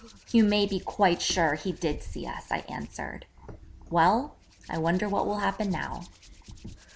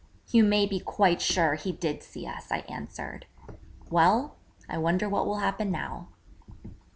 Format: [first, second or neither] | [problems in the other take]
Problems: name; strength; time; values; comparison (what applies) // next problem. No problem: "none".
second | background sound (Hands); 20 dB below the speech